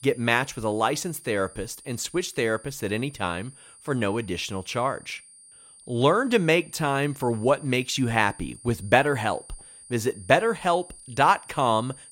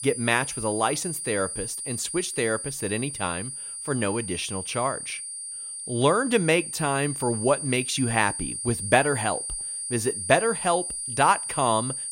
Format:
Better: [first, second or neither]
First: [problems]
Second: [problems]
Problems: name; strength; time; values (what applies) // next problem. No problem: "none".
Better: first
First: high-pitched whine; faint; throughout; 9.5 kHz, 20 dB below the speech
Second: high-pitched whine; loud; throughout; 9.5 kHz, 5 dB below the speech